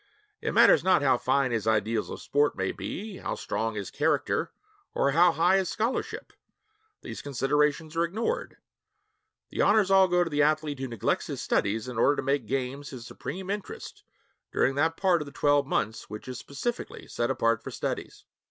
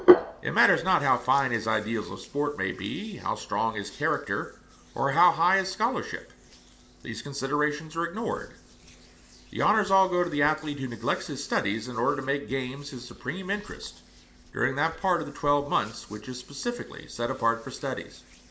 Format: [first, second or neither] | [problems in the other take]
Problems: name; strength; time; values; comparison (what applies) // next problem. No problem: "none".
first | background sound (Hands); 7 dB below the speech // room echo; dies away in 0.5 s